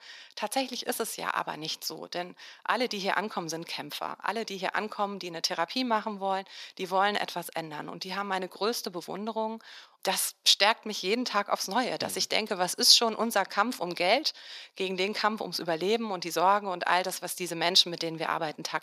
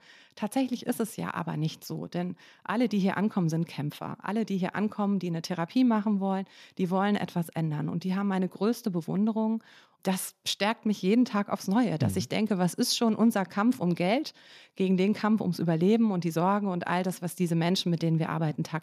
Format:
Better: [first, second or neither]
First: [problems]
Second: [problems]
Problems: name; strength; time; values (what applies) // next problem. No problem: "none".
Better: second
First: thin; very; fading below 550 Hz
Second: none